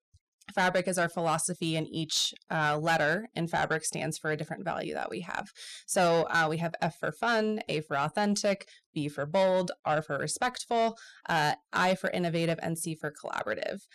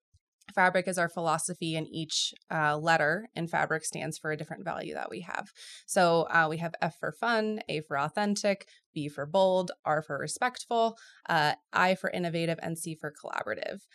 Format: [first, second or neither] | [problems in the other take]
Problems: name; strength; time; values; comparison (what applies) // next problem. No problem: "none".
second | distortion; slight; 10 dB below the speech